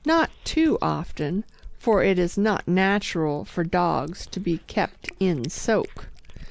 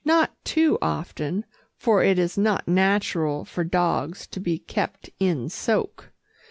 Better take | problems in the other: second | background sound (Cat); 16 dB below the speech

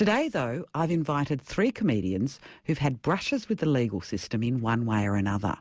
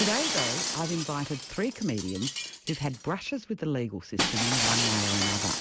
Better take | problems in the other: first | background sound (Shatter); as loud as the speech

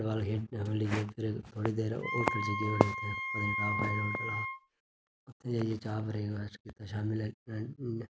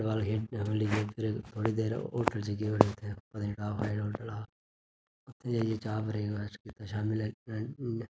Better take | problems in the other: second | background sound (Wind instrument, woodwind instrument); 2 dB below the speech

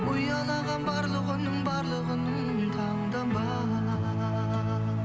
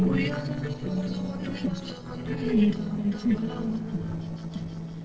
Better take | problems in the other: first | noise reduction (neural separator model SepFormer DNS4)

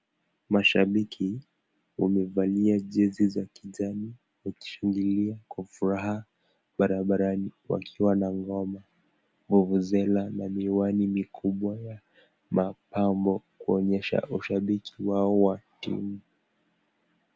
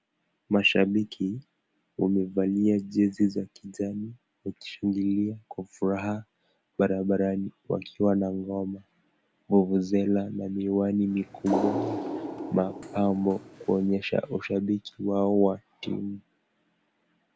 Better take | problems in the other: first | background sound (Water); 5 dB below the speech

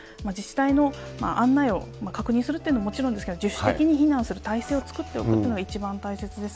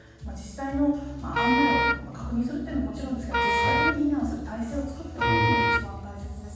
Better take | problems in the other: first | background sound (Wind instrument, woodwind instrument); 3 dB above the speech // room echo; dies away in 1.2 s

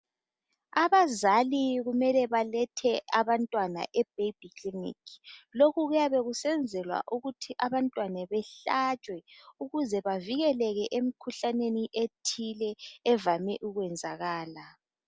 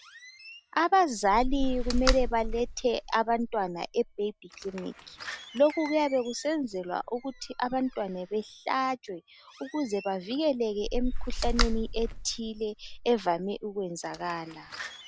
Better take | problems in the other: first | background sound (Slam); 5 dB below the speech

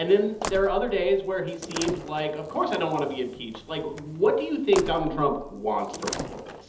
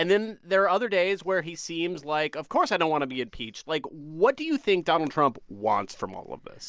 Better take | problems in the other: second | background sound (Slam); 12 dB below the speech // room echo; dies away in 1.2 s

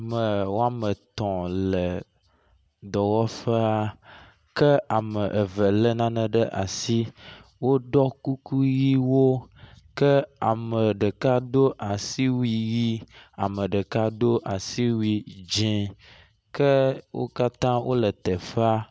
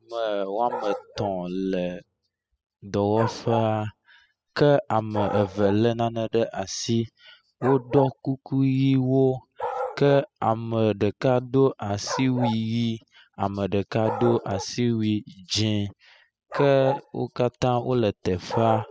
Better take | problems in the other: first | noise reduction (classical method spectral subtraction)

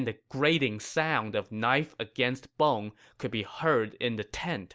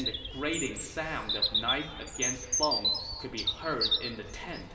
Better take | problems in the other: first | background sound (Bird vocalization, bird call, bird song); 2 dB above the speech // room echo; dies away in 2.1 s

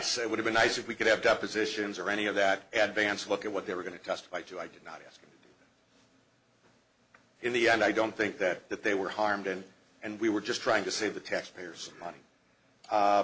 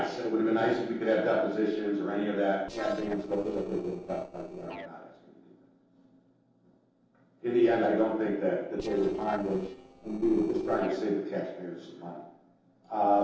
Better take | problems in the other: first | noise reduction (neural separator model SepFormer DNS4)

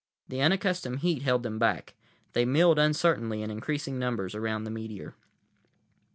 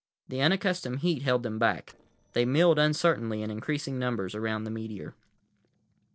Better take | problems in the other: first | noise reduction (neural separator model SepFormer DNS4)

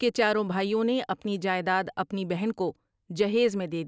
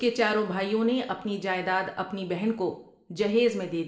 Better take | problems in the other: first | room echo; dies away in 0.6 s

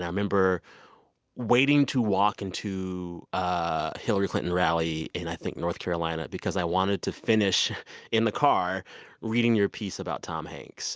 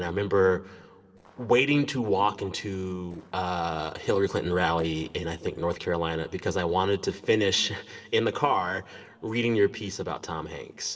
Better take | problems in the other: first | noise reduction (neural separator model SepFormer DNS4)

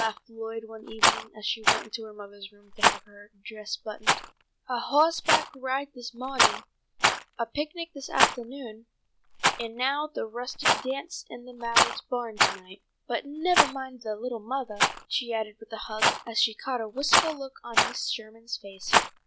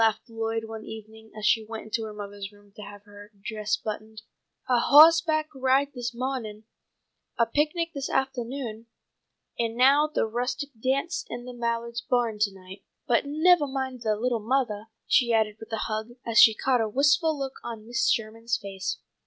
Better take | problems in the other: second | background sound (Rattle); 3 dB above the speech

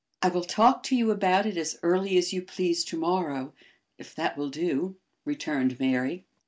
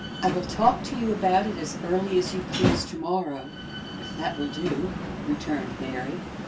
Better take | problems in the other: first | background sound (Slam); 4 dB below the speech // room echo; dies away in 0.2 s

